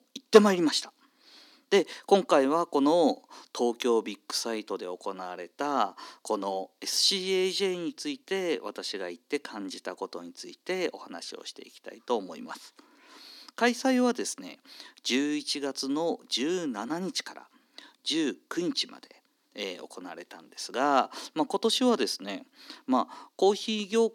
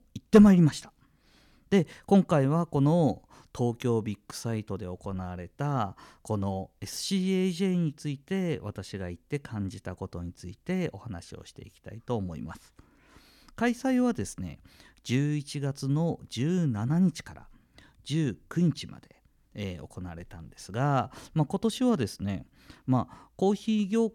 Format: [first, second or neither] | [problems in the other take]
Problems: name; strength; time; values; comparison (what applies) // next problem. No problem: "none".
second | thin; somewhat; fading below 250 Hz